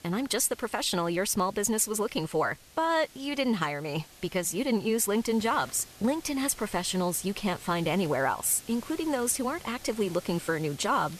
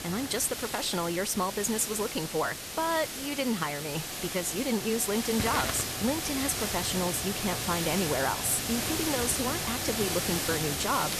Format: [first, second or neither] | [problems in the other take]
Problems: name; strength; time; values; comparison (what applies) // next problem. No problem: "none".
first | hiss; loud; throughout; 1 dB below the speech; faint in the first